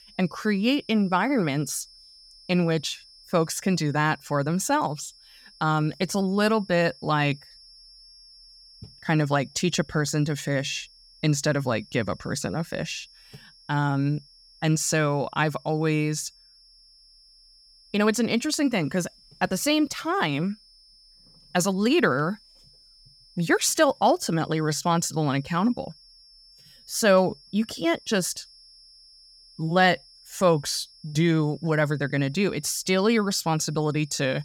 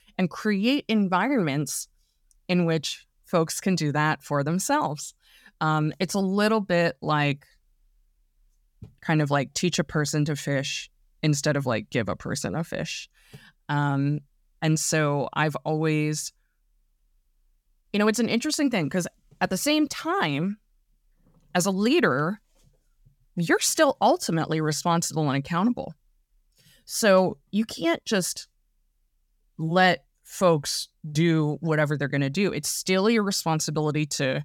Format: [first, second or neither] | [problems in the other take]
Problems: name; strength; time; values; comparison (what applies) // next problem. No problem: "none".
second | high-pitched whine; faint; throughout; 5.5 kHz, 25 dB below the speech